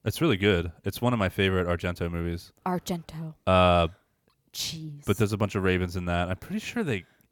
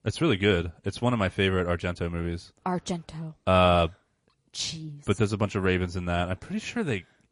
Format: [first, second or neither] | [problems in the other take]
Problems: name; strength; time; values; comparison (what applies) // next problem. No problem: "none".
first | garbled, watery; slightly; nothing above 10.5 kHz